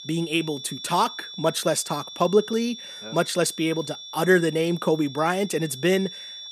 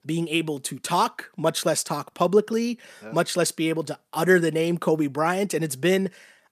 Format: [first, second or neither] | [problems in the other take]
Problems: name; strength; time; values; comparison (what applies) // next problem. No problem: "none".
second | high-pitched whine; noticeable; throughout; 3.5 kHz, 15 dB below the speech